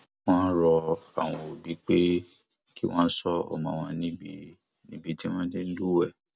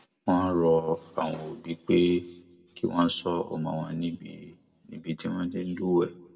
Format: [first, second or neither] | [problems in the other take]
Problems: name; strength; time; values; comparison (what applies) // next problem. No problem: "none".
first | room echo; dies away in 0.8 s